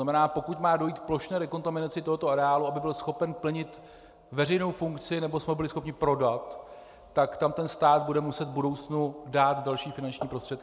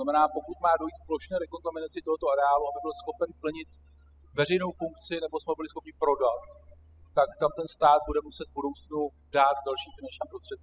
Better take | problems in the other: first | noise reduction (classical method spectral subtraction)

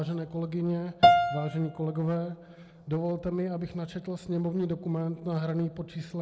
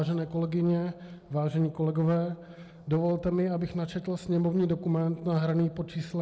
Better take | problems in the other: second | background sound (Piano); 3 dB above the speech

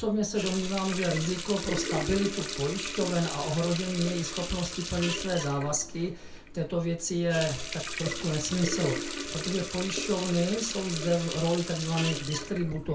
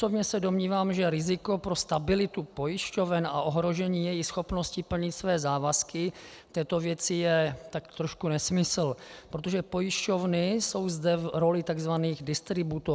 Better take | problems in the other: second | background sound (Water tap, faucet); 6 dB below the speech // room echo; dies away in 0.3 s

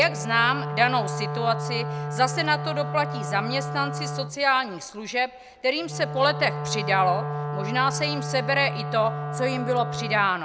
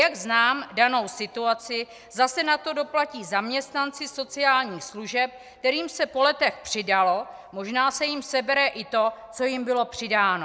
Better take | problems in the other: second | background sound (Wind instrument, woodwind instrument); 5 dB below the speech

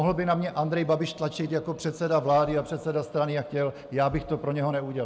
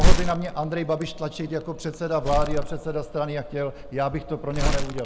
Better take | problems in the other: first | background sound (Crumpling, crinkling); 4 dB above the speech

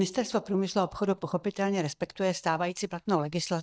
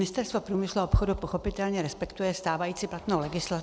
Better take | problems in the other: second | noise reduction (neural mask model DeepFilterNet 3)

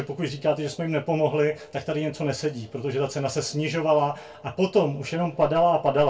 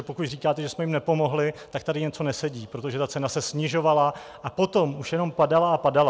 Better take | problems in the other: second | room echo; dies away in 0.2 s

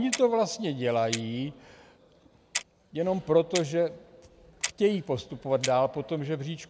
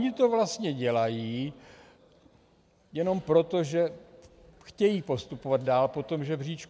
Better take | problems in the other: second | background sound (Clock); 12 dB below the speech

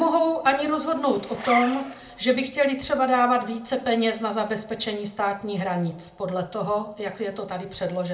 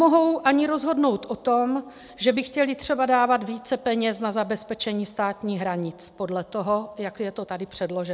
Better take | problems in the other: second | background sound (Zipper (clothing)); 10 dB below the speech // room echo; dies away in 0.4 s

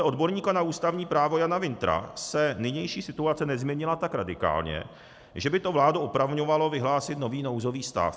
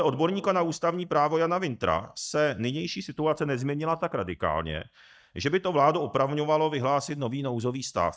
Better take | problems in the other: first | noise reduction (neural mask model DeepFilterNet 3)

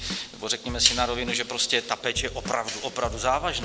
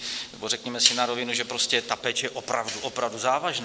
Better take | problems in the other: second | background sound (Drum / Drum kit); 12 dB below the speech

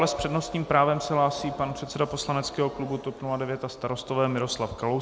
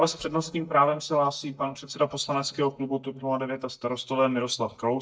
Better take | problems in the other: first | noise reduction (neural mask model DeepFilterNet 3)

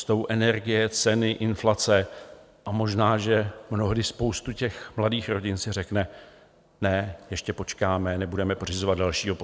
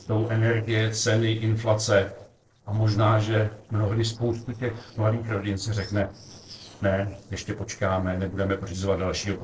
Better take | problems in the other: first | noise reduction (neural separator model SepFormer DNS4)

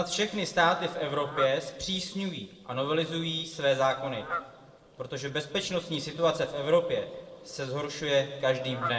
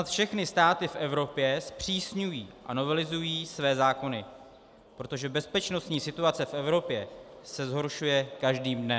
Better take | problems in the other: second | noise reduction (neural separator model SepFormer DNS4)

